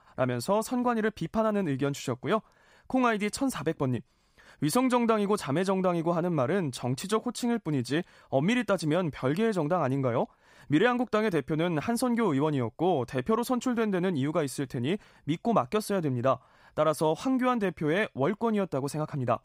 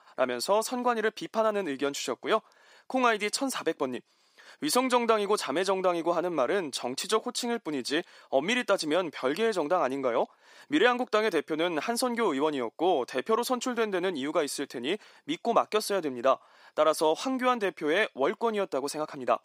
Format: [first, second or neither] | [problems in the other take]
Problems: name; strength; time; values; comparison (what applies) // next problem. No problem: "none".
first | thin; somewhat; fading below 300 Hz